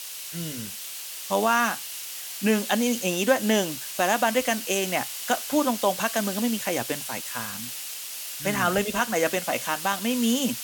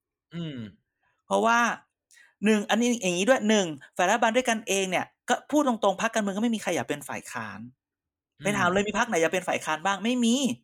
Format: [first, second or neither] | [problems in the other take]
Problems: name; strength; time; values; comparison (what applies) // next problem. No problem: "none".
second | hiss; loud; throughout; 7 dB below the speech